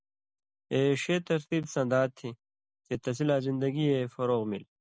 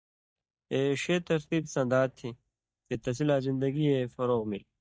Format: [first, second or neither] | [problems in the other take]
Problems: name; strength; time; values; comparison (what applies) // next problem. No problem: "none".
first | noise reduction (neural mask model DeepFilterNet 3)